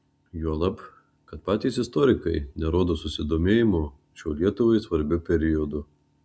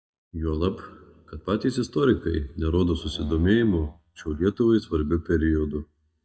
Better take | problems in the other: first | noise reduction (neural mask model DeepFilterNet 3)

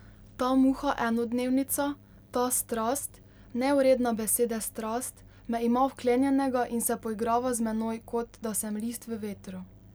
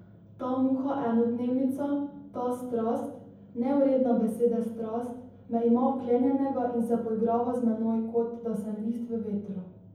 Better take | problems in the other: first | room echo; dies away in 0.9 s

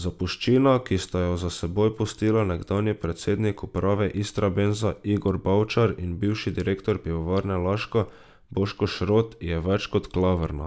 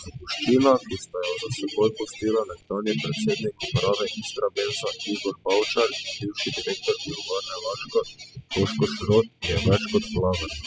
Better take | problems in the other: first | noise reduction (classical method spectral subtraction)

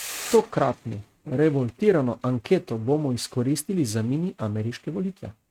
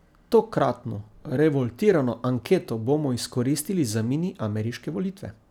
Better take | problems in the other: second | noise reduction (neural mask model RNNoise)

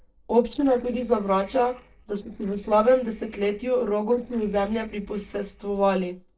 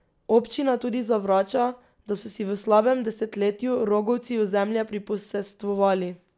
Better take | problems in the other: second | noise reduction (neural separator model SepFormer DNS4)

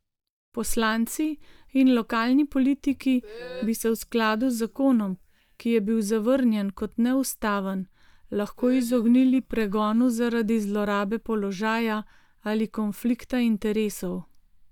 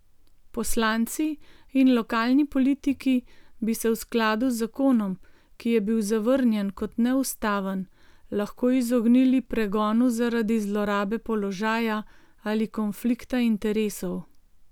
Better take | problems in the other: second | noise reduction (neural mask model DeepFilterNet 3)

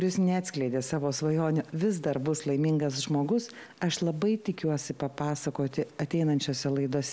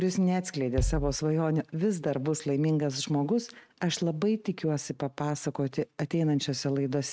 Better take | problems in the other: first | noise reduction (neural mask model RNNoise)

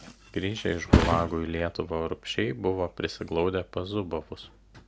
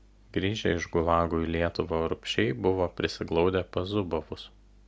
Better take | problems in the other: second | background sound (Thump, thud); 2 dB below the speech

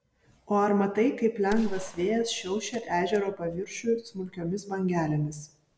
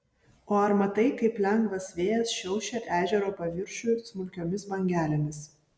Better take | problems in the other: second | background sound (Gunshot, gunfire); 12 dB below the speech

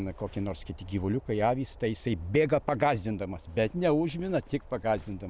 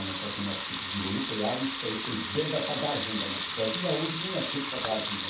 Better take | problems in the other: first | background sound (Sink (filling or washing) / Water tap, faucet / Liquid); 1 dB below the speech // room echo; dies away in 0.7 s

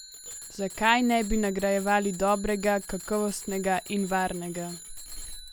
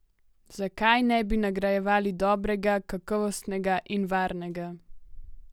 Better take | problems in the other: second | background sound (Bicycle bell); 15 dB below the speech

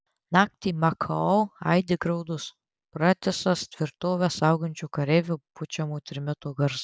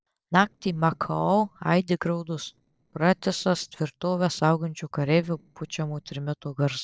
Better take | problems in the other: first | noise reduction (neural separator model SepFormer DNS4)

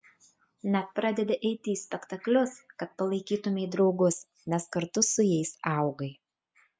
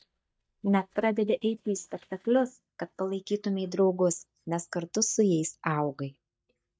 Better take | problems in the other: first | noise reduction (neural mask model DeepFilterNet 3)

